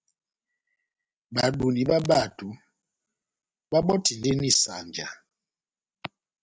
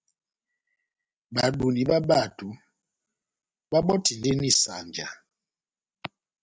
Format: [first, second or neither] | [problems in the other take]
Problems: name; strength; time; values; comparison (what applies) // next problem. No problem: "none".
second | background sound (Domestic sounds, home sounds); 14 dB below the speech